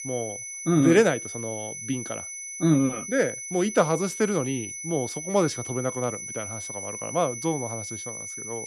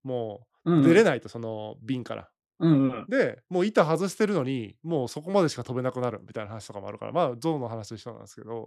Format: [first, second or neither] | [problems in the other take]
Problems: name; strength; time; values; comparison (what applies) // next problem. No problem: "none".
second | high-pitched whine; loud; throughout; 6 kHz, 8 dB below the speech